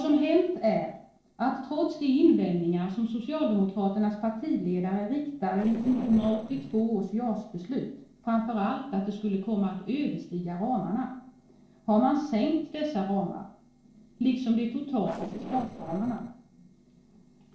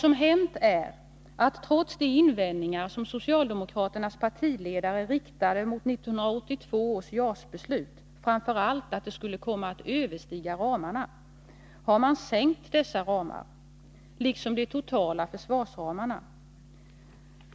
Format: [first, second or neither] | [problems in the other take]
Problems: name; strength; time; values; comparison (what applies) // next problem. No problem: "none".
second | noise reduction (neural separator model SepFormer DNS4)